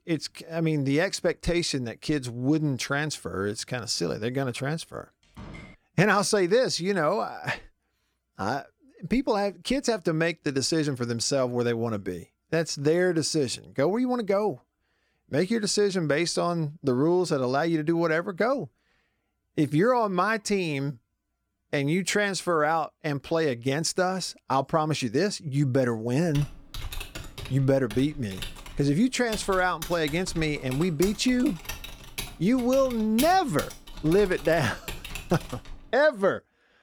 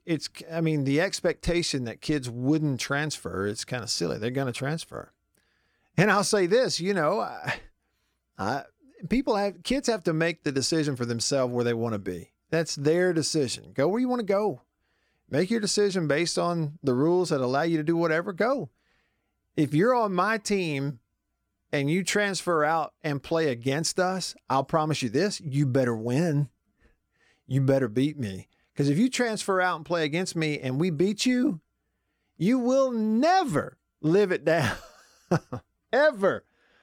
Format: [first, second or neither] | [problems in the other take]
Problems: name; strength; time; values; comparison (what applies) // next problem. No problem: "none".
second | door banging; faint; at 5.5 s; peak 15 dB below the speech // keyboard typing; noticeable; from 26 to 36 s; peak 7 dB below the speech